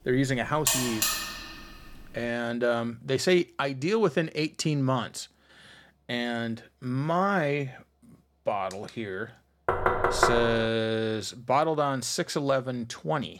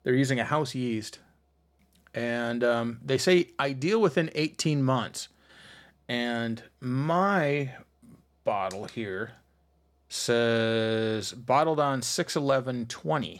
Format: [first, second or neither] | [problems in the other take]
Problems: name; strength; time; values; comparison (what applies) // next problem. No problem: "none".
second | alarm; loud; at 0.5 s; peak 3 dB above the speech // door banging; loud; at 9.5 s; peak 4 dB above the speech